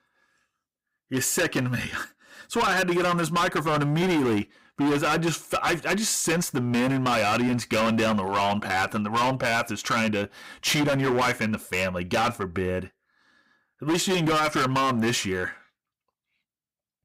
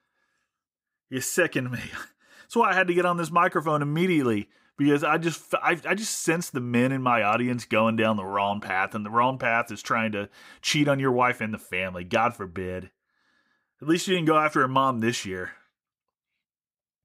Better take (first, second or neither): second